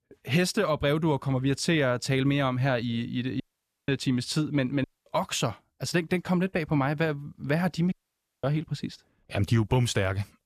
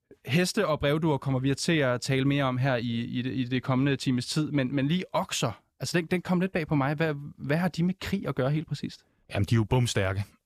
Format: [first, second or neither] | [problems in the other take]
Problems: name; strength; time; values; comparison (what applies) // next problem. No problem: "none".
second | audio cutting out; at 3.5 s, at 5 s and at 8 s for 0.5 s